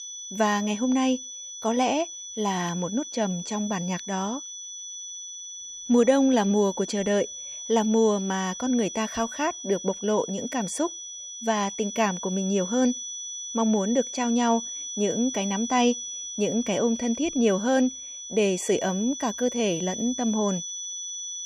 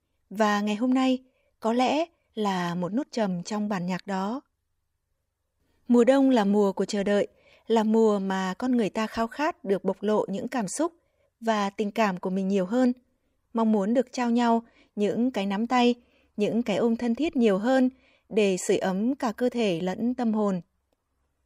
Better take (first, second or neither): second